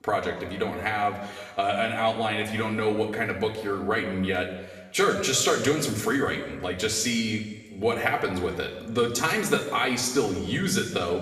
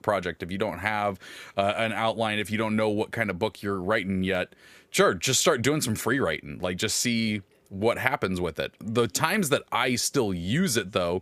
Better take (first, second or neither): second